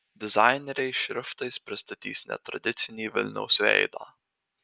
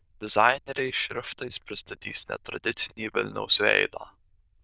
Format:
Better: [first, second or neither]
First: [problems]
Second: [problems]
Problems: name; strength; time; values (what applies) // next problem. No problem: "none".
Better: first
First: none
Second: noise reduction (neural diffusion model UNIVERSE++)